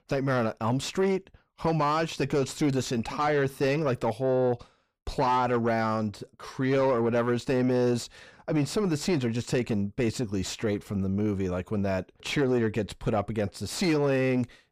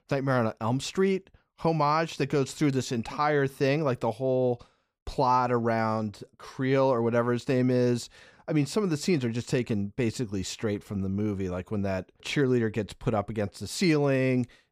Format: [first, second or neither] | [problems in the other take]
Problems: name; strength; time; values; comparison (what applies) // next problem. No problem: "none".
second | distortion; slight; 10 dB below the speech